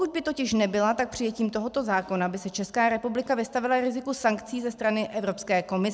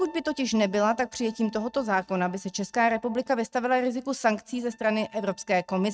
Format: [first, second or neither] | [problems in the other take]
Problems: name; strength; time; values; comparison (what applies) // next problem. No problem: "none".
first | noise reduction (neural mask model RNNoise)